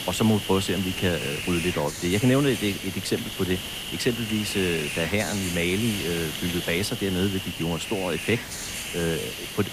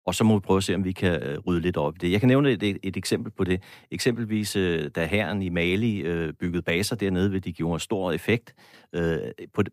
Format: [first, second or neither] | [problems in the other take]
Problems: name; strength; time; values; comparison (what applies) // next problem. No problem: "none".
second | hiss; loud; throughout; 4 dB below the speech